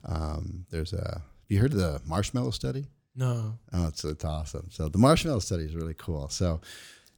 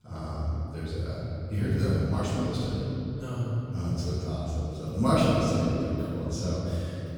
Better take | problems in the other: first | off-mic speech; far // room echo; strong; dies away in 3 s

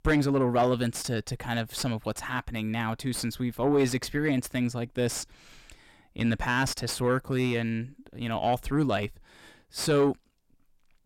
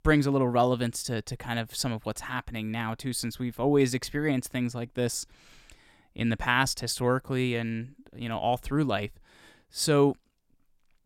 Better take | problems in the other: second | distortion; slight; 10 dB below the speech

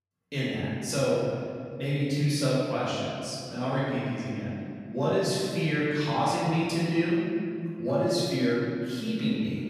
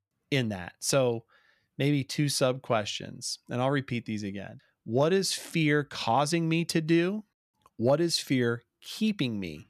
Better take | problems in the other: second | room echo; strong; dies away in 2.3 s // off-mic speech; far

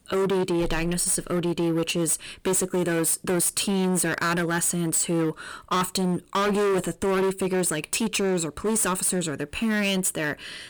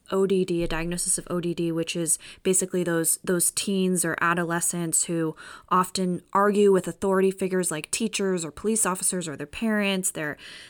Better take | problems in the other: second | distortion; heavy; 23% of the sound clipped

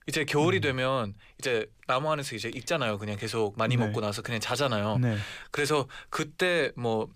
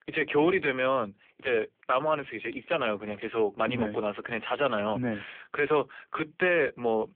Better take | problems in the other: first | phone-call audio; poor line

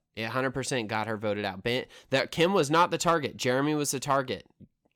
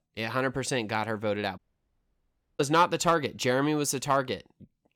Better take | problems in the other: first | audio cutting out; at 1.5 s for 1 s

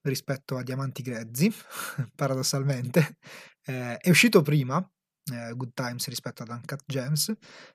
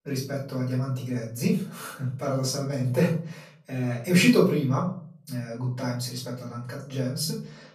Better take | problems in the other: first | off-mic speech; far // room echo; noticeable; dies away in 0.4 s

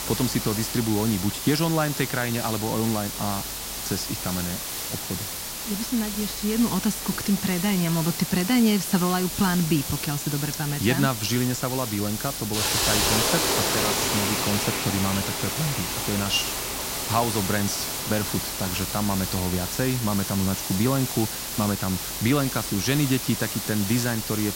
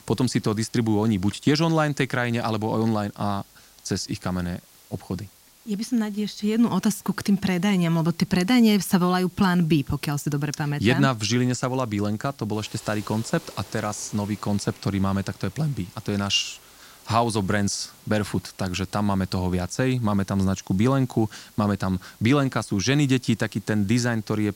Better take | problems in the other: second | hiss; loud; throughout; 1 dB below the speech; faint in the second

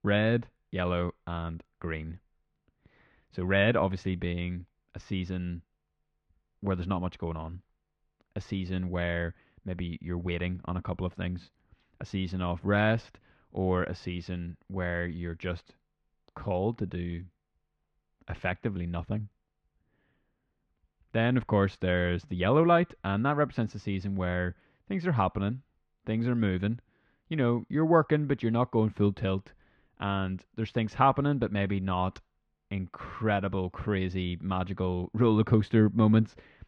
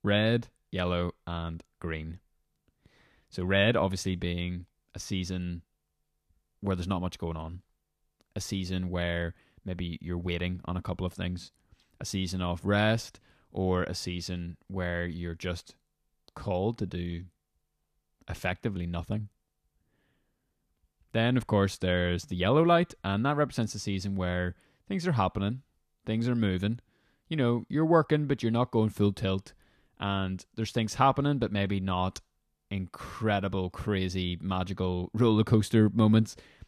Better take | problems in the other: second | muffled; slightly; fading above 2 kHz

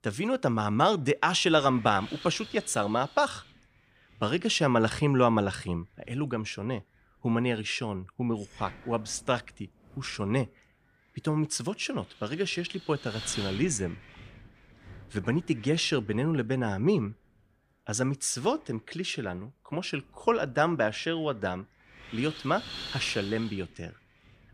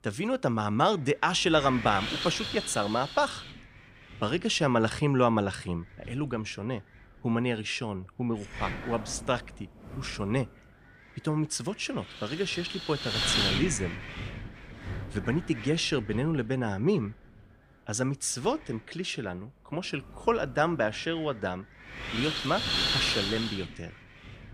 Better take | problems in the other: first | wind noise on the microphone; heavy; 2 dB below the speech; occasional gusts in the first

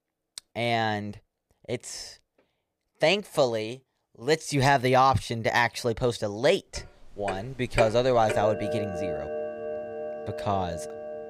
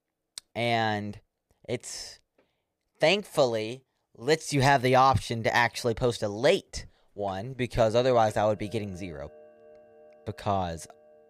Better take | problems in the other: second | household noises; loud; from 7 s on; 8 dB below the speech; faint in the second

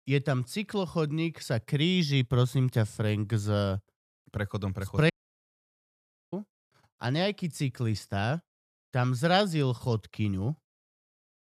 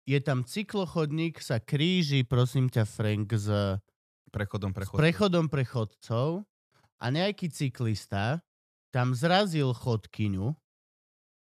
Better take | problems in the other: second | audio cutting out; at 5 s for 1 s

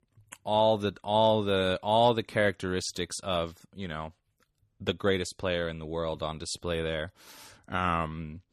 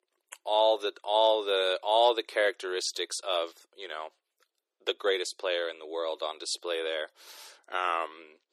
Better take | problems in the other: first | thin; very; fading below 350 Hz

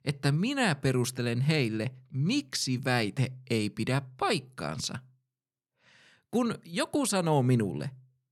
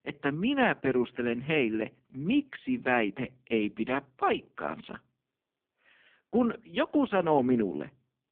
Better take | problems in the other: first | phone-call audio; poor line

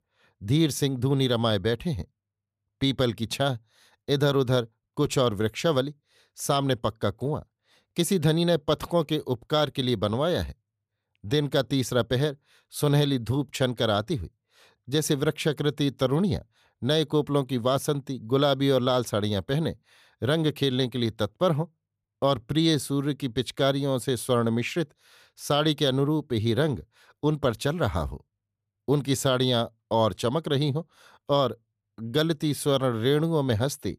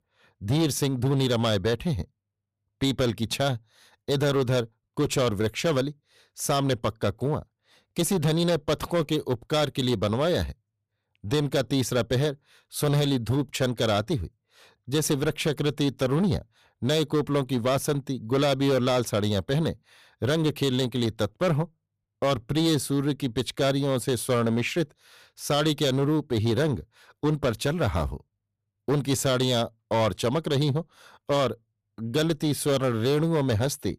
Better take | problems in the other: first | distortion; slight; 11% of the sound clipped

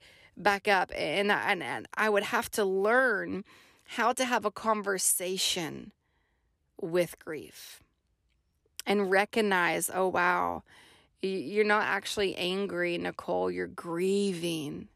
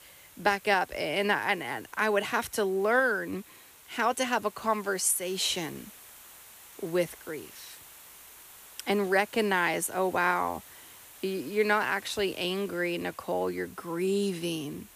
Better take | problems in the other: first | hiss; faint; throughout; 20 dB below the speech

